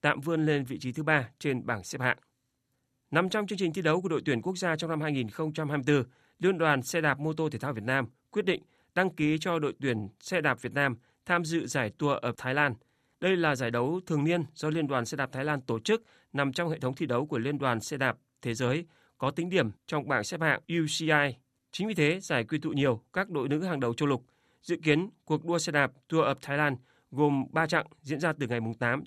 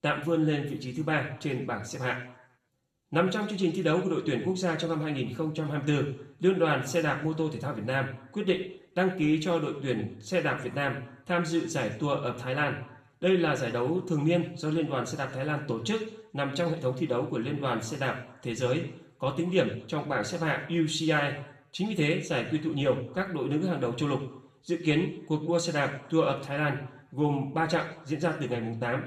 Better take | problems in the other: first | room echo; slight; dies away in 0.6 s // off-mic speech; somewhat distant

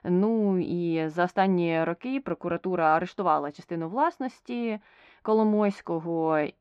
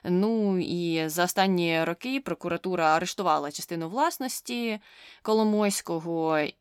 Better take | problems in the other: second | muffled; very; fading above 2 kHz

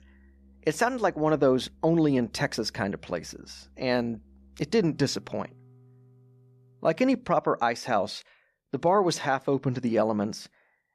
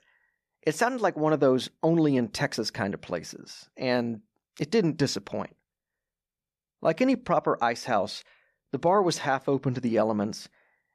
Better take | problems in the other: second | background music; faint; until 7.5 s; 30 dB below the speech

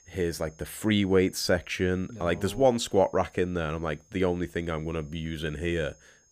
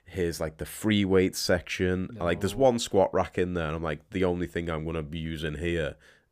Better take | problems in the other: second | high-pitched whine; faint; throughout; 6.5 kHz, 30 dB below the speech

